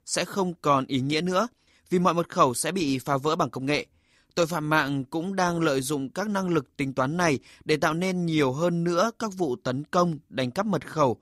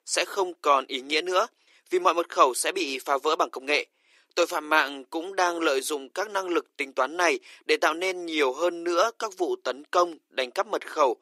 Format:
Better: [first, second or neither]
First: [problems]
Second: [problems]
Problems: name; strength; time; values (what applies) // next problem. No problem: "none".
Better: first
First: none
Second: thin; very; fading below 350 Hz